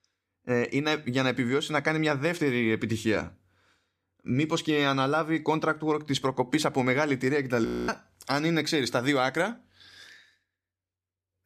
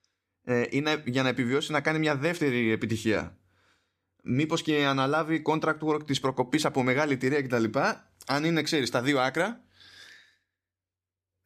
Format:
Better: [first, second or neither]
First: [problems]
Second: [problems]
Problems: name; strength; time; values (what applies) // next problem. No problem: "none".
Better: second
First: audio freezing; at 7.5 s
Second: none